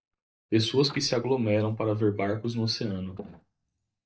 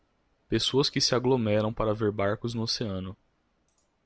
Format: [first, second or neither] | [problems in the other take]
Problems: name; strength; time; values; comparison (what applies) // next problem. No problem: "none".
second | noise reduction (neural mask model DeepFilterNet 3)